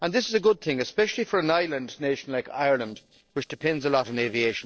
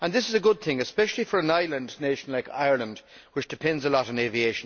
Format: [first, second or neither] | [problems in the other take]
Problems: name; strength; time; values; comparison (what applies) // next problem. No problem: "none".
second | noise reduction (neural separator model SepFormer DNS4)